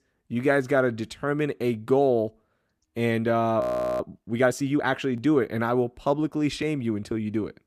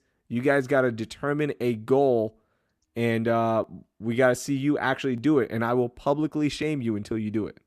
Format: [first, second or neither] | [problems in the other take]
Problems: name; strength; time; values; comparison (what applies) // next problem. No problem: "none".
second | audio freezing; at 3.5 s